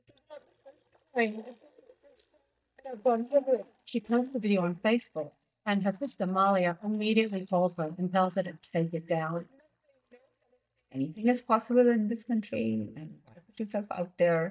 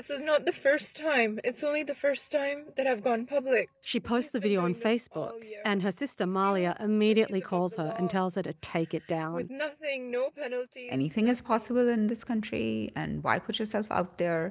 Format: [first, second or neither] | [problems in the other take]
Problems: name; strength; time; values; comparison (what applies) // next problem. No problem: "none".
second | noise reduction (neural mask model DeepFilterNet 3)